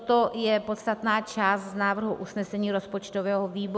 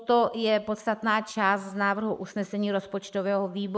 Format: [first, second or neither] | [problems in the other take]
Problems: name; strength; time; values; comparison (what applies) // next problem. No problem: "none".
first | noise reduction (neural mask model Resemble Enhance denoiser)